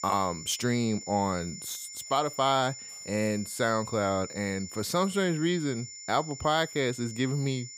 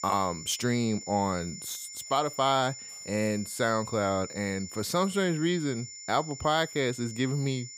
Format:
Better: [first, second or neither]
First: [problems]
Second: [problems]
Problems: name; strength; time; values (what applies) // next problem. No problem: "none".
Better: neither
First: high-pitched whine; noticeable; throughout; 7 kHz, 10 dB below the speech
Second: high-pitched whine; noticeable; throughout; 7 kHz, 10 dB below the speech